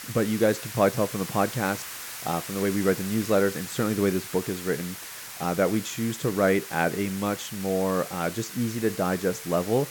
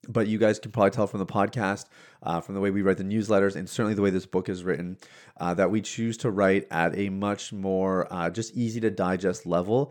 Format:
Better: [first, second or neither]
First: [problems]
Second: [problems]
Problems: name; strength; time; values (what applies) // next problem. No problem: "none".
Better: second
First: hiss; loud; throughout; 10 dB below the speech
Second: none